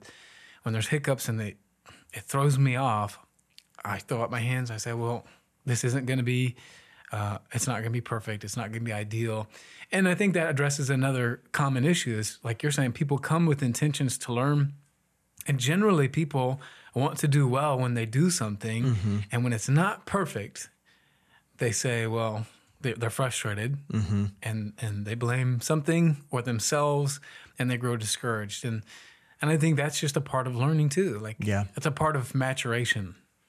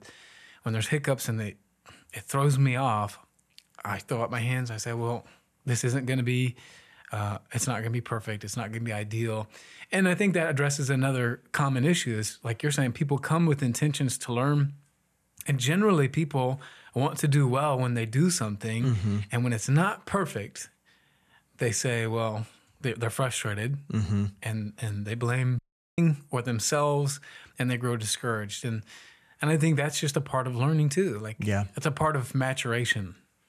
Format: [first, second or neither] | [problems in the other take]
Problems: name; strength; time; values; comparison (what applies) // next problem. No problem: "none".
first | audio cutting out; at 26 s